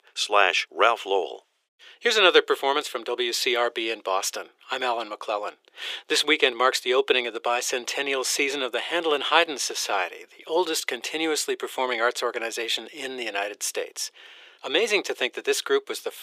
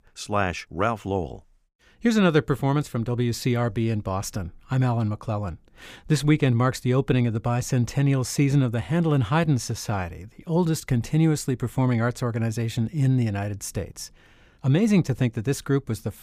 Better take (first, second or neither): second